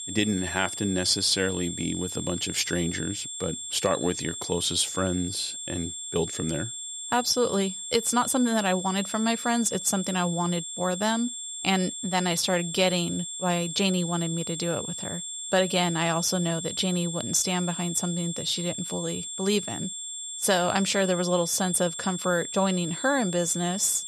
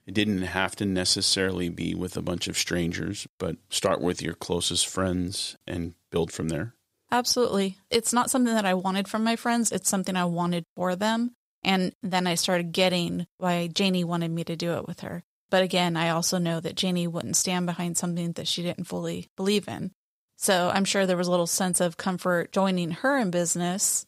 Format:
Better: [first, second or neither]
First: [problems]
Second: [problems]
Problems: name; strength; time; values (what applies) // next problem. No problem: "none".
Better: second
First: high-pitched whine; loud; throughout; 7.5 kHz, 6 dB below the speech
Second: none